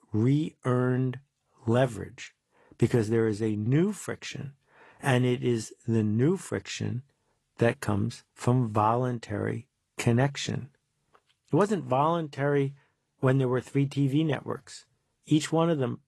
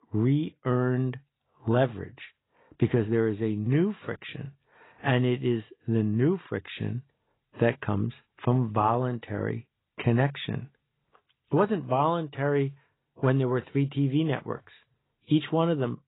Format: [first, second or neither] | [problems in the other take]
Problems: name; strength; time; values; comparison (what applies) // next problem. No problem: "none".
first | garbled, watery; badly; nothing above 4 kHz; slightly in the first